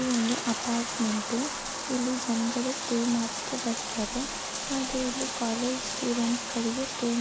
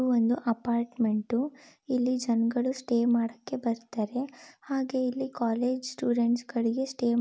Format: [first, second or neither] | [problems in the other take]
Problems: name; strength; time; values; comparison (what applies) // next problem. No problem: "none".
second | background sound (Bathtub (filling or washing)); 3 dB below the speech